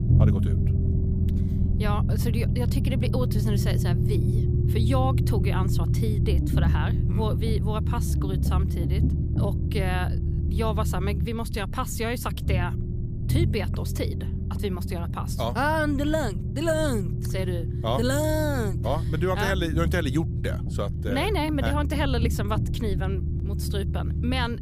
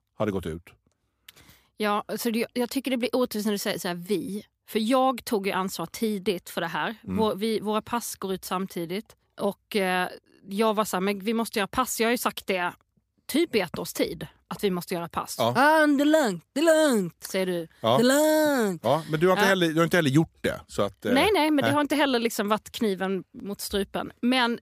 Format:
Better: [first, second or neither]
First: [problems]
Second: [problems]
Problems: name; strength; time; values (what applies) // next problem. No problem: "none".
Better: second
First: low rumble; loud; throughout; 8 dB below the speech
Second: none